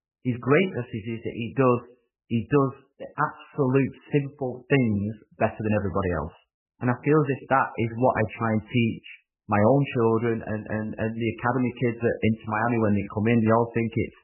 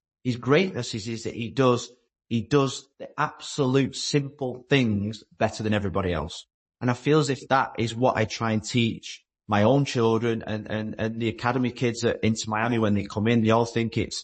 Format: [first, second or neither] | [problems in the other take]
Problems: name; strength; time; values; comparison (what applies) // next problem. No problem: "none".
second | garbled, watery; badly; nothing above 3 kHz; slightly in the second